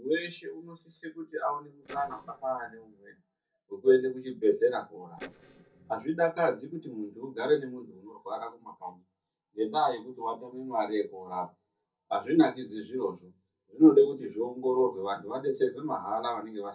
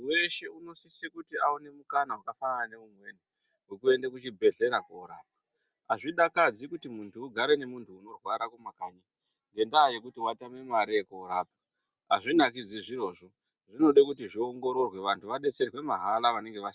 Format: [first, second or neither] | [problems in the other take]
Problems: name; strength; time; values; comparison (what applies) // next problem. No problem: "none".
second | noise reduction (neural separator model SepFormer DNS4)